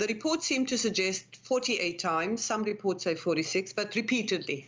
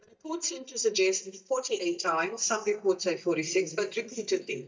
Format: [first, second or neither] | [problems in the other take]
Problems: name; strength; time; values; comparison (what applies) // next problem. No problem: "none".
first | noise reduction (neural mask model DeepFilterNet 3)